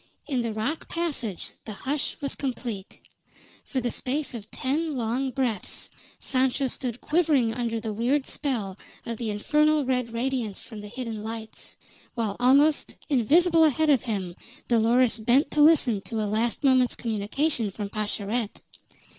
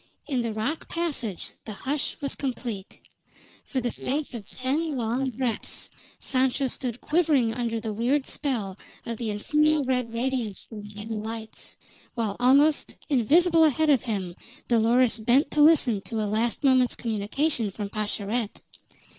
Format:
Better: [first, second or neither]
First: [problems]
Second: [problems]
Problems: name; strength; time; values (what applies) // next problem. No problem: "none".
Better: first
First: none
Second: noise reduction (neural mask model Resemble Enhance denoiser)